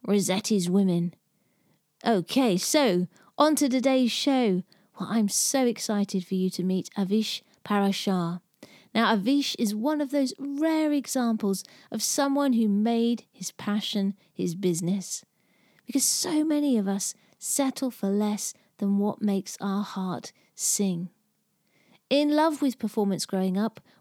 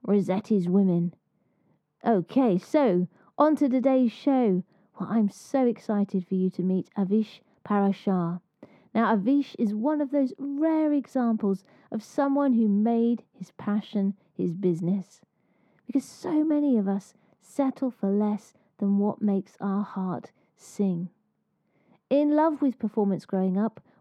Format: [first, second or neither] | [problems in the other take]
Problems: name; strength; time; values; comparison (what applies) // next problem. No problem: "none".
first | muffled; very; fading above 2.5 kHz